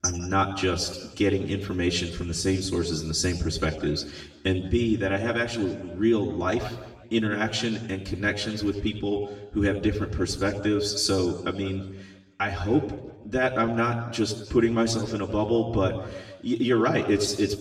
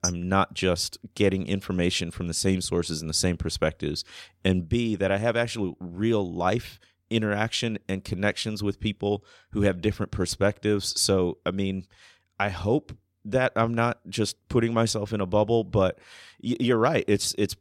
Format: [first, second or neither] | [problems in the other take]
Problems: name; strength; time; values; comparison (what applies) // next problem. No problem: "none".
second | room echo; slight; dies away in 1.2 s // off-mic speech; far